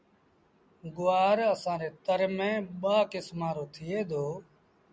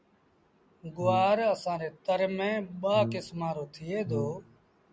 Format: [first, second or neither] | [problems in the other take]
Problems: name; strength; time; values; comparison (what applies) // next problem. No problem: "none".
first | background sound (Brass instrument); 7 dB below the speech